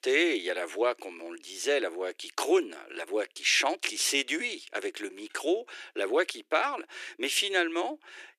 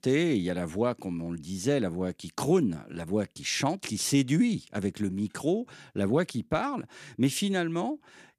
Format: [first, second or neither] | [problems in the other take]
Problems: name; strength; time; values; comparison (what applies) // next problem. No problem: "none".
second | thin; very; fading below 350 Hz